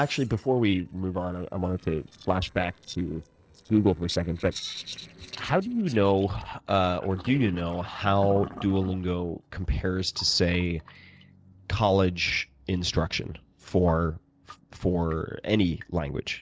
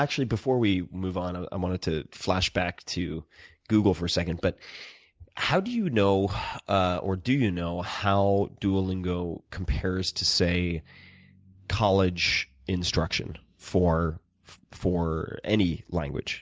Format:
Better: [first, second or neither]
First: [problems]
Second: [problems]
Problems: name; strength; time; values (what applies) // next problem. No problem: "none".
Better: second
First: noise reduction (neural separator model SepFormer DNS4)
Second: none